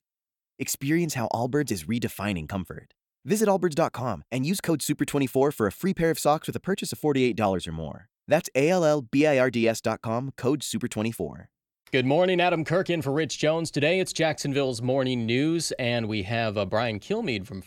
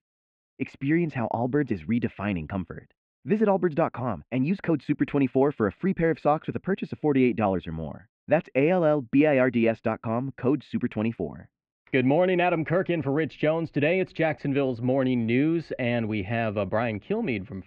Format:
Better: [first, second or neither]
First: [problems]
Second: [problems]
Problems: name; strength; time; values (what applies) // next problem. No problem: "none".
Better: first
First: none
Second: muffled; very; fading above 2.5 kHz